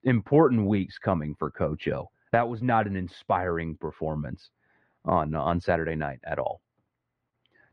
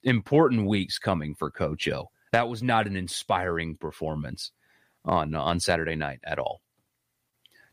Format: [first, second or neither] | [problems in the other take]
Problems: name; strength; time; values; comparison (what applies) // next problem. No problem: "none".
second | muffled; very; fading above 1.5 kHz